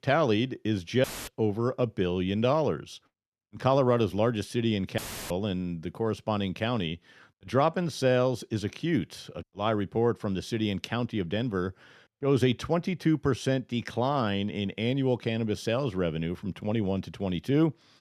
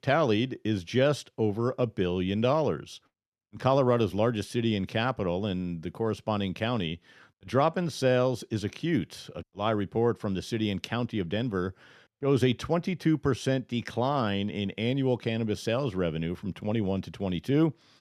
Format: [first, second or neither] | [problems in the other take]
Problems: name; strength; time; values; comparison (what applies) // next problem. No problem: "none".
second | audio cutting out; filled with static; at 1 s and at 5 s